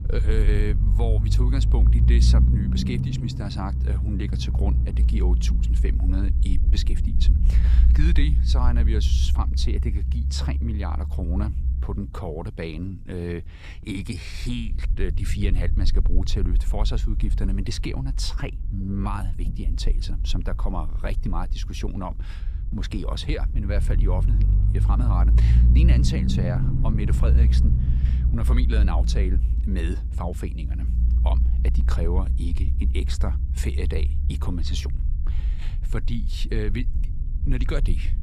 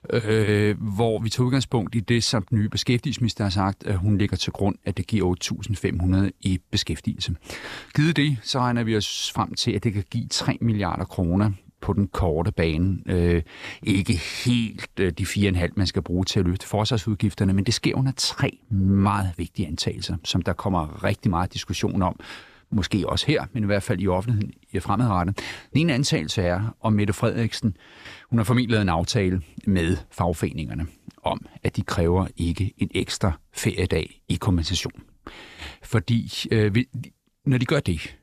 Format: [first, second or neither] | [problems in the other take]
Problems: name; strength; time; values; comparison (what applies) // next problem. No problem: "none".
second | low rumble; loud; throughout; 6 dB below the speech